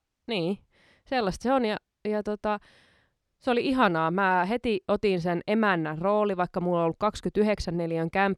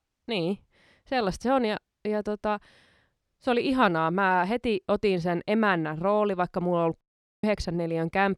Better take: first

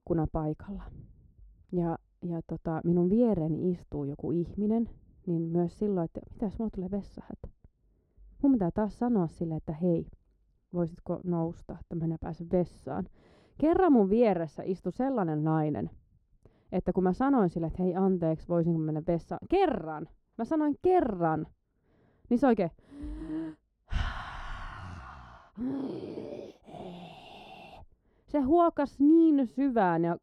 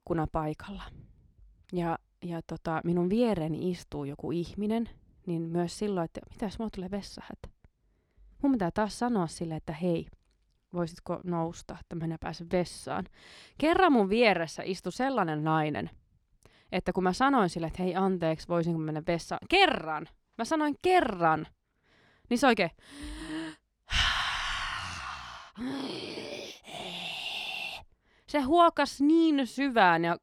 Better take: second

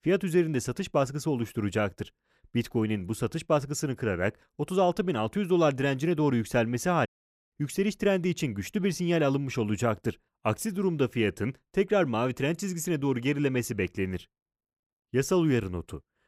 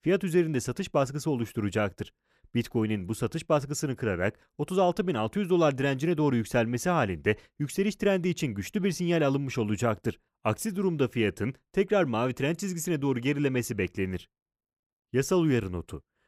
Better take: second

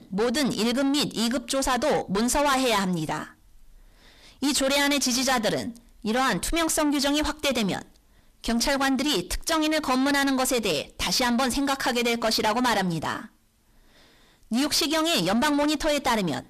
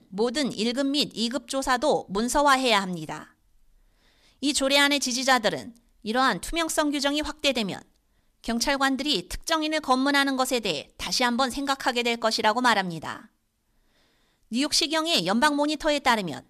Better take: second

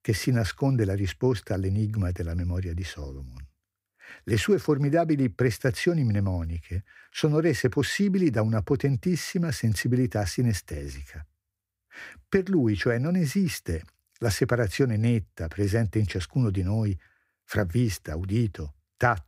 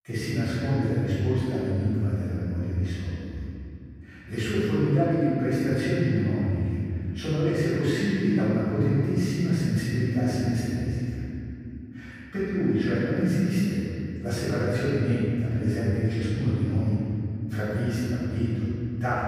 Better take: first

